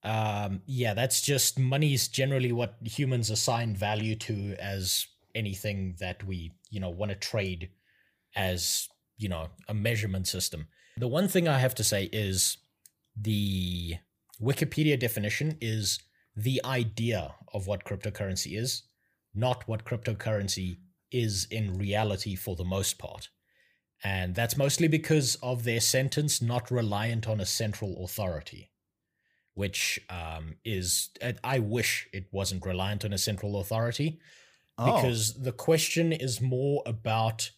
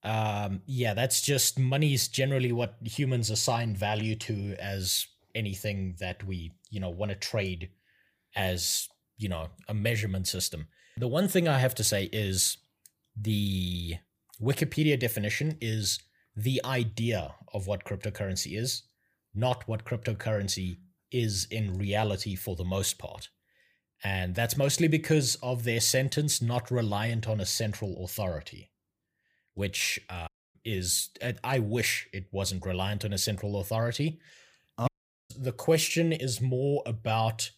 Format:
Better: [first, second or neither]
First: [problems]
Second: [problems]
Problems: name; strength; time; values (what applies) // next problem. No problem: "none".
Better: first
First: none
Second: audio cutting out; at 30 s and at 35 s